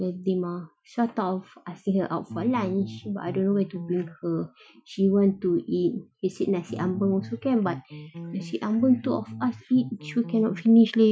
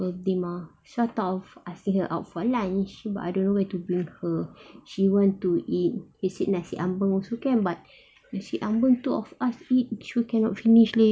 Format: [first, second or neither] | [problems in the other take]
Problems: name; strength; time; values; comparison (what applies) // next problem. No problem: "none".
second | noise reduction (classical method Wiener filter)